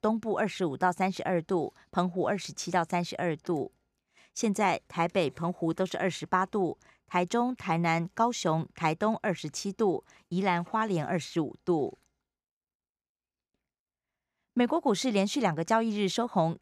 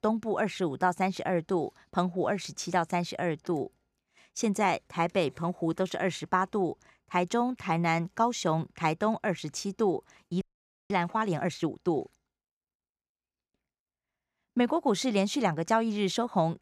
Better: first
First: none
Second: audio freezing; at 10 s

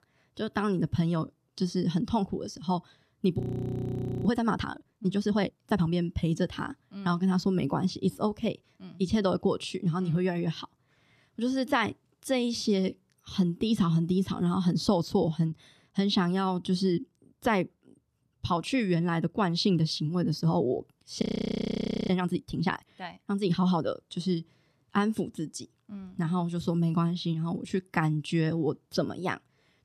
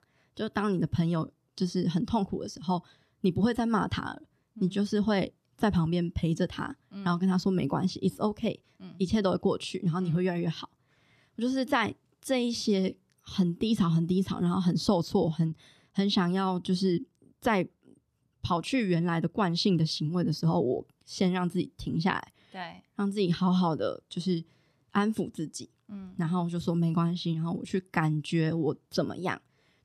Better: second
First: audio freezing; at 3.5 s for 1 s and at 21 s for 1 s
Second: none

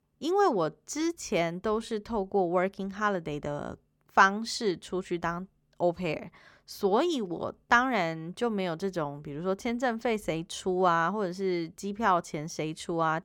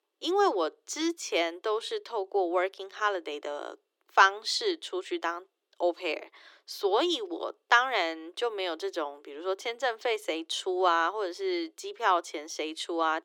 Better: first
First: none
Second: thin; very; fading below 300 Hz

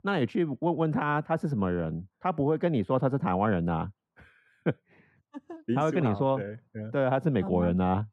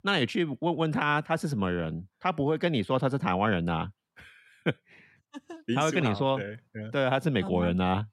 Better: second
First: muffled; slightly; fading above 2 kHz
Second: none

